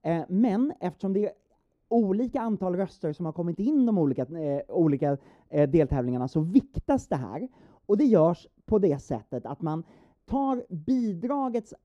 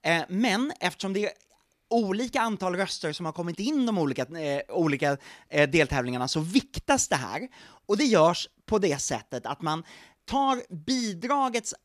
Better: second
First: muffled; very; fading above 1 kHz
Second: none

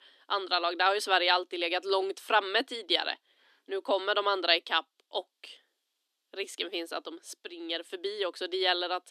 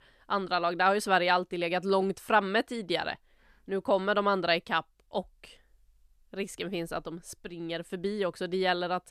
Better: second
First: thin; somewhat; fading below 250 Hz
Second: none

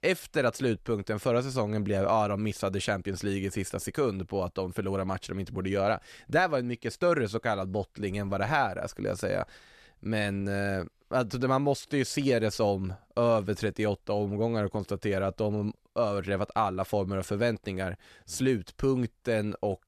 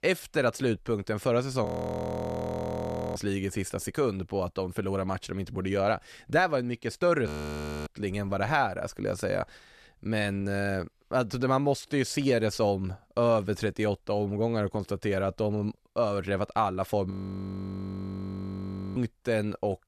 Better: first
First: none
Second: audio freezing; at 1.5 s for 1.5 s, at 7.5 s for 0.5 s and at 17 s for 2 s

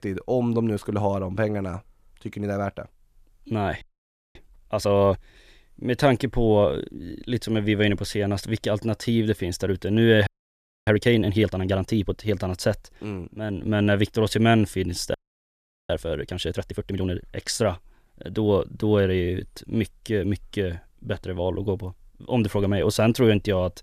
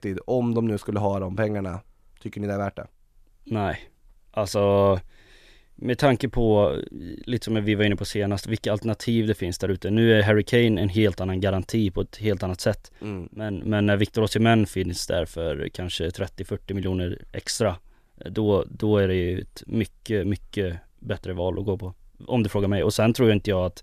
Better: second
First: audio freezing; at 4 s for 0.5 s, at 10 s for 0.5 s and at 15 s for 1 s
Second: none

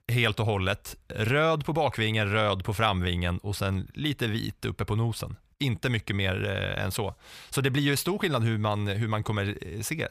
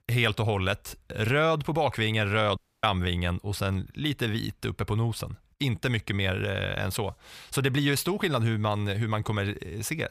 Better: first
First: none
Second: audio cutting out; at 2.5 s

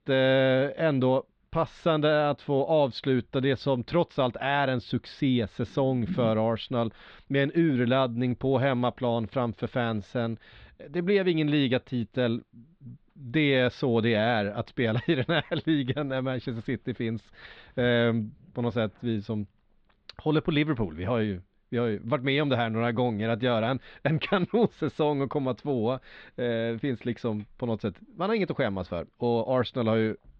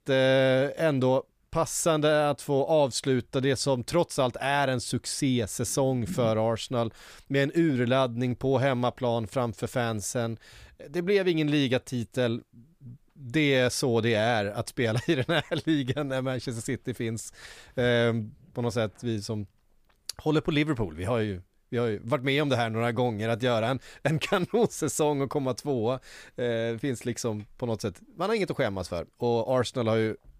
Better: second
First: muffled; slightly; fading above 4 kHz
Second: none

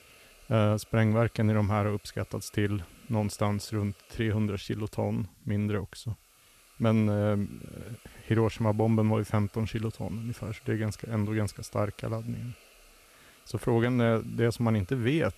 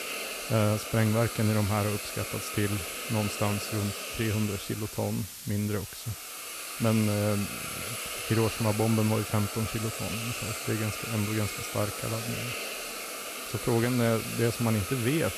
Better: first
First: hiss; faint; throughout; 25 dB below the speech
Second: hiss; loud; throughout; 5 dB below the speech

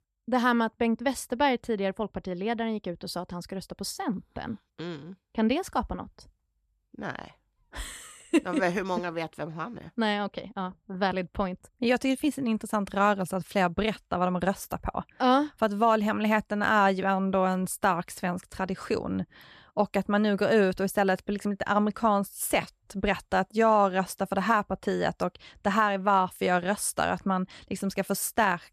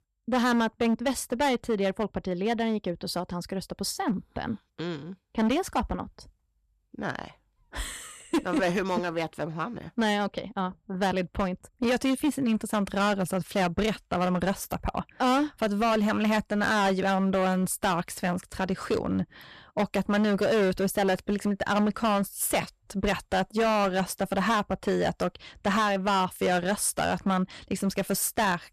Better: first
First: none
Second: distortion; heavy; 10% of the sound clipped

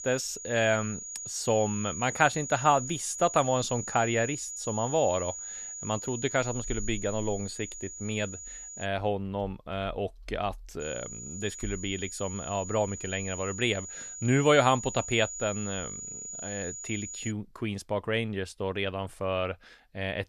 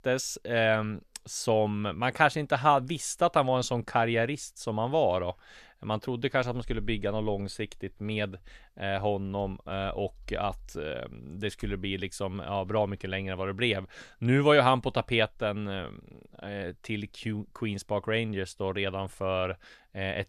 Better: second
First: high-pitched whine; loud; until 9 s and from 11 to 17 s; 7 kHz, 7 dB below the speech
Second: none

